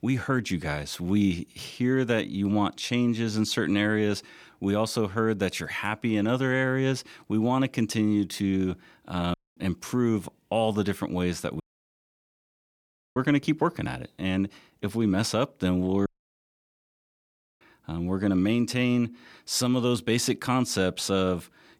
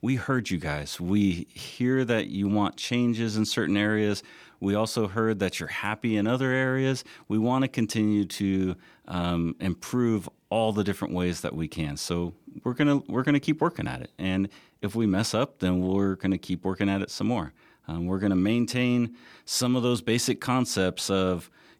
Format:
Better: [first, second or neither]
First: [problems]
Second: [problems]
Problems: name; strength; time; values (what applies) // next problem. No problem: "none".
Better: second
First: audio cutting out; at 9.5 s, at 12 s for 1.5 s and at 16 s for 1.5 s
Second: none